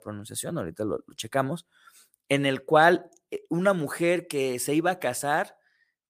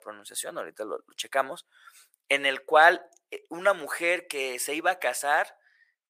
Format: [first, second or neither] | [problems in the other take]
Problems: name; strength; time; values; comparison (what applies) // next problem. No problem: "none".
first | thin; very; fading below 650 Hz